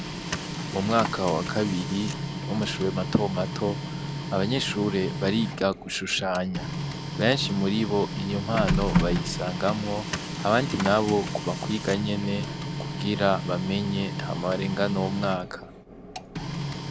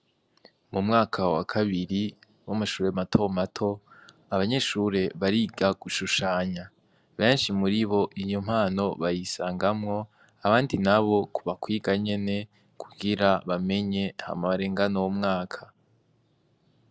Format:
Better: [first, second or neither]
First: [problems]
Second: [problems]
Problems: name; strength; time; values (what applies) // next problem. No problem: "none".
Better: second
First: background sound (Printer); 4 dB below the speech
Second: none